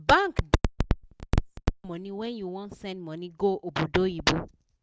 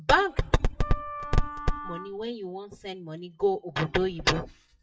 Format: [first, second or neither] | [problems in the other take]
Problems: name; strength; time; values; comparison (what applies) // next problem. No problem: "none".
first | noise reduction (classical method WPE with log-MMSE)